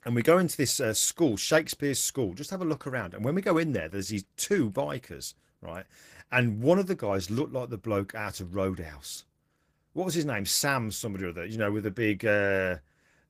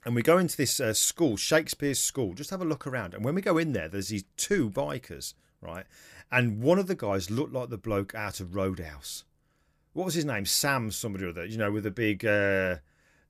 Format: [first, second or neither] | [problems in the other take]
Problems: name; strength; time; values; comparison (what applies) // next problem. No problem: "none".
second | garbled, watery; slightly; nothing above 15 kHz